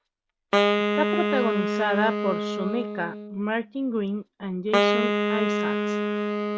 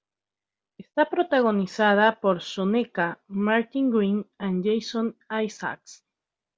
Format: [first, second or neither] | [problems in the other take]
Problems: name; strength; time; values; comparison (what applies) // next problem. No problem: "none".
second | background sound (Wind instrument, woodwind instrument); 4 dB above the speech